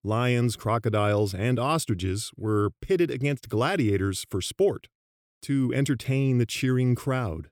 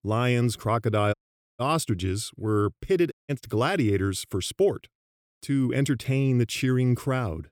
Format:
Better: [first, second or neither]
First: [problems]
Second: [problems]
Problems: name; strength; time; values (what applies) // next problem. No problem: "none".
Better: first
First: none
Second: audio cutting out; at 1 s and at 3 s